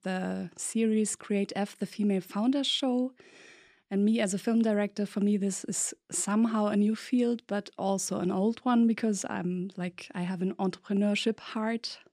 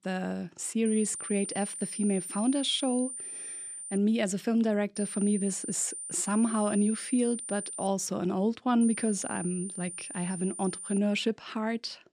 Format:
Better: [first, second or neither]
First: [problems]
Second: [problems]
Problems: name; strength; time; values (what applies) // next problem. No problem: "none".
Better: first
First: none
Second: high-pitched whine; loud; from 1 to 4 s, from 5 to 8 s and from 9 to 11 s; 9 kHz, 7 dB below the speech